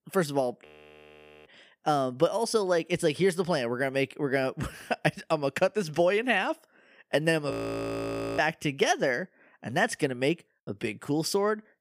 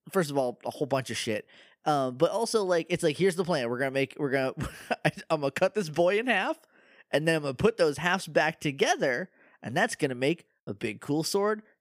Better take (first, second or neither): second